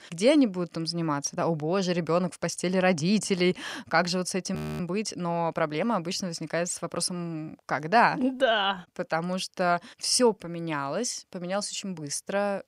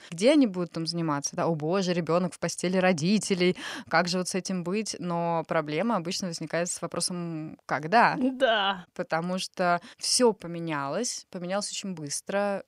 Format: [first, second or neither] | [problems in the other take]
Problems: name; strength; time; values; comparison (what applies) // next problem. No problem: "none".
second | audio freezing; at 4.5 s